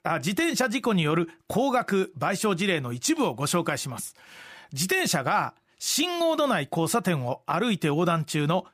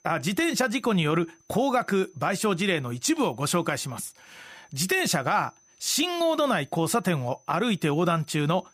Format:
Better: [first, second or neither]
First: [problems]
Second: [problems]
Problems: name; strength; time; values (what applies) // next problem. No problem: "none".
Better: first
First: none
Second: high-pitched whine; faint; throughout; 6 kHz, 35 dB below the speech